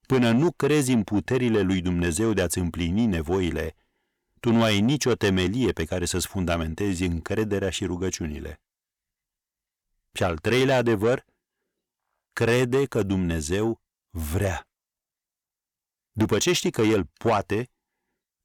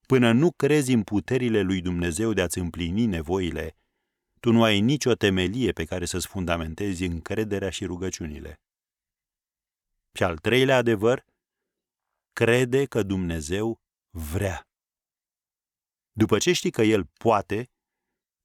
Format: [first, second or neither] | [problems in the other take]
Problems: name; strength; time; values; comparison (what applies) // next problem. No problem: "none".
second | distortion; slight; 10 dB below the speech